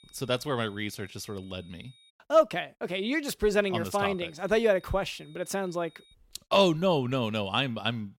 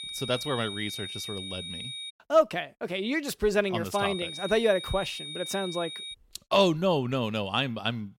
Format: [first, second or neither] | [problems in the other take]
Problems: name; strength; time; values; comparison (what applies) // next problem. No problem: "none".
first | high-pitched whine; loud; until 2 s and from 4 to 6 s; 3.5 kHz, 8 dB below the speech; faint in the first